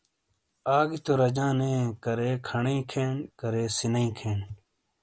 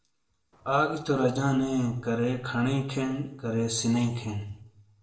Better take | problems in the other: first | noise reduction (neural separator model SepFormer DNS4)

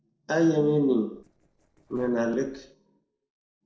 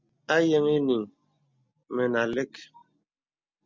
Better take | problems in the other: second | noise reduction (neural separator model SepFormer DNS4)

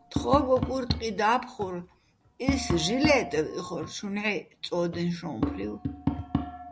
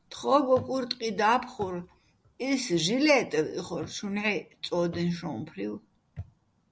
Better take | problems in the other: second | background sound (Tap); 5 dB below the speech

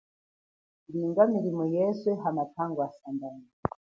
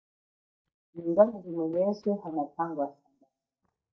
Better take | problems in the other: first | noise reduction (neural mask model DeepFilterNet 3)

